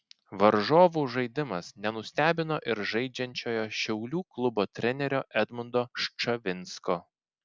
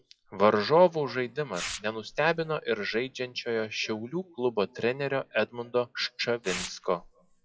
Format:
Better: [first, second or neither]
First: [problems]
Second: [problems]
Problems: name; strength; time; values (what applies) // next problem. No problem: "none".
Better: first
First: none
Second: noise reduction (classical method WPE with log-MMSE)